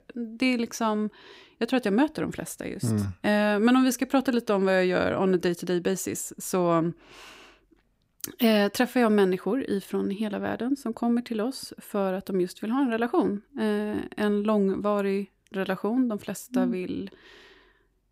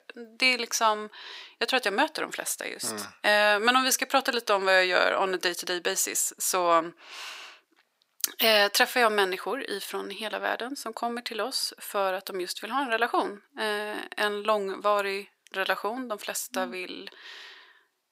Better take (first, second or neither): first